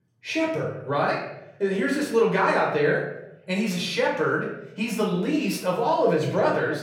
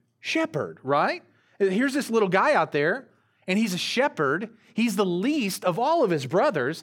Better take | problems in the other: second | off-mic speech; far // room echo; noticeable; dies away in 0.8 s

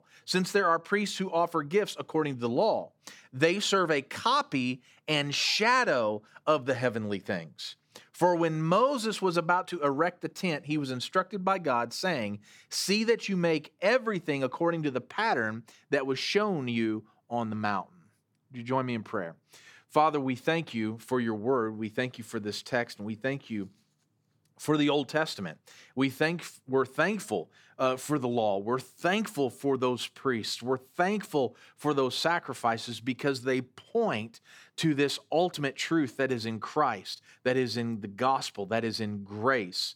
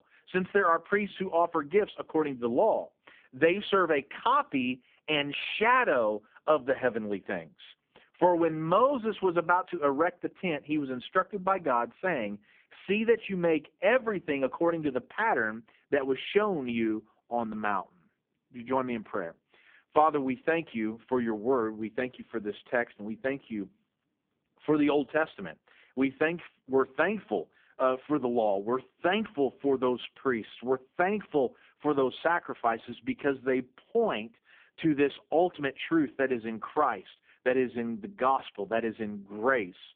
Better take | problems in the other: first | phone-call audio; poor line

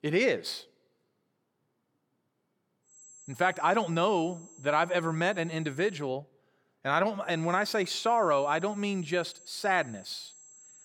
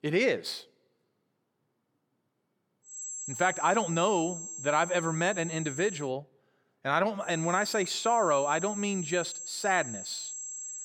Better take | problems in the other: first | high-pitched whine; loud; from 3 to 6 s and from 7.5 s on; 7.5 kHz, 8 dB below the speech; faint in the first

